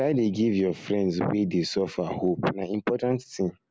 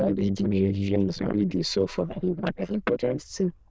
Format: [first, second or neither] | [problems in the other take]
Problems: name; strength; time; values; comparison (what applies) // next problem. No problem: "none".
first | noise reduction (neural diffusion model UNIVERSE++)